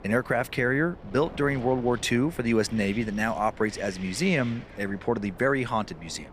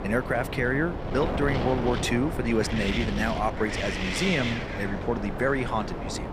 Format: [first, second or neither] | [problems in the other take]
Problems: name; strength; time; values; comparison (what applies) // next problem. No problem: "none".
first | wind noise on the microphone; heavy; 4 dB below the speech; occasional gusts in the first